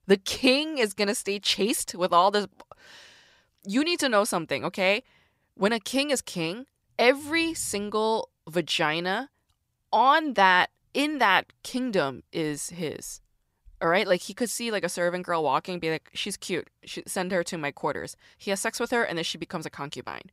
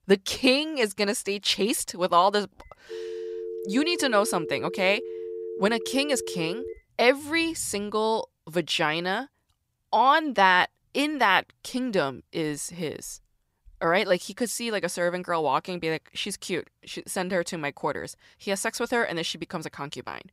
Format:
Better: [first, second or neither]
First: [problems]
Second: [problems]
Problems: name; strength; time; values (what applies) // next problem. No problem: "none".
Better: first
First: none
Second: phone ringing; noticeable; from 2.5 to 7 s; peak 9 dB below the speech